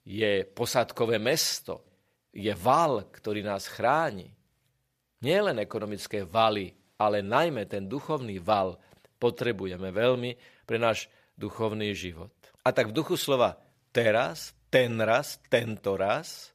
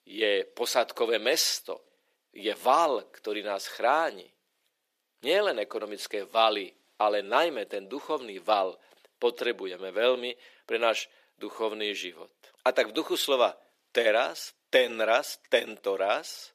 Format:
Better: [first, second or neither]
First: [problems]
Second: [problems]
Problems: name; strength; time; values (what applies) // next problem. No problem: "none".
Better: first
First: none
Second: thin; somewhat; fading below 300 Hz